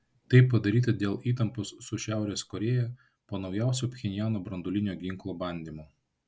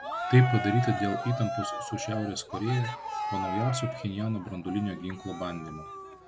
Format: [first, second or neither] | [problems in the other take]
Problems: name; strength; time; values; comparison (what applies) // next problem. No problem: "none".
first | background sound (Cheering); 6 dB below the speech